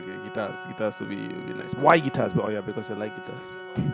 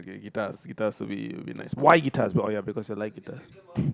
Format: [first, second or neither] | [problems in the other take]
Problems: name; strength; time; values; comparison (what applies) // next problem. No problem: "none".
second | background sound (Organ); 12 dB below the speech